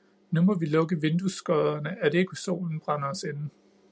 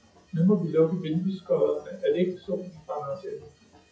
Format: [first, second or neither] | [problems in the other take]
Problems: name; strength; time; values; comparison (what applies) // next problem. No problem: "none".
first | noise reduction (classical method WPE with log-MMSE)